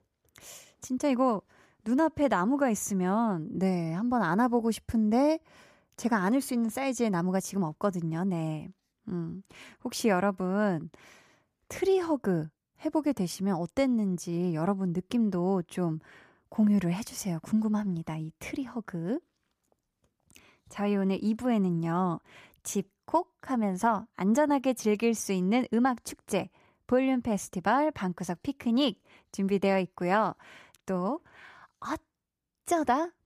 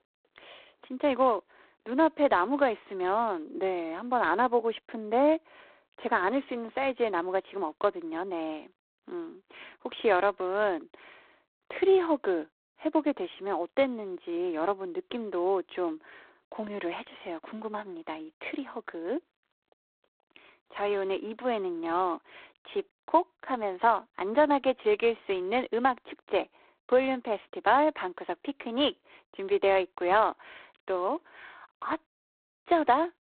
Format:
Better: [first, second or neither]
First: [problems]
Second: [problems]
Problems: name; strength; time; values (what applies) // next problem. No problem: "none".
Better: first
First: none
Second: phone-call audio; poor line